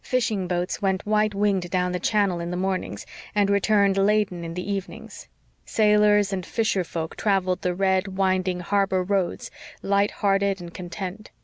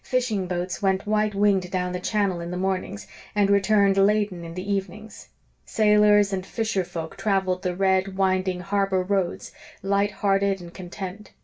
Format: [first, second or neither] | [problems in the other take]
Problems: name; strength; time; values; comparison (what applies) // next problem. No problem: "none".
first | room echo; dies away in 0.2 s